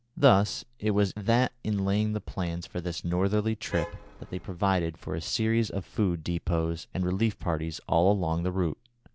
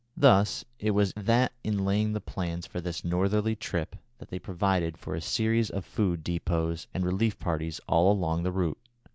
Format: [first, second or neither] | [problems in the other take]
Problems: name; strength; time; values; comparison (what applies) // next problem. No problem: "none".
second | background sound (Traffic noise, roadway noise / Vehicle horn, car horn, honking); 13 dB below the speech